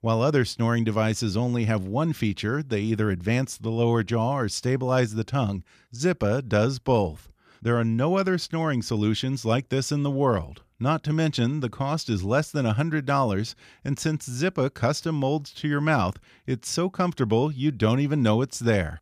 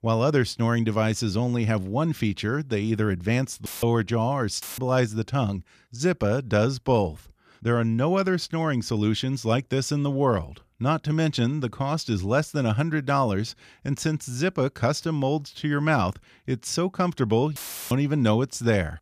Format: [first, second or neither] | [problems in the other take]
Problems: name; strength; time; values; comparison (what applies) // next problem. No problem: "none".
first | audio cutting out; filled with static; at 3.5 s, at 4.5 s and at 18 s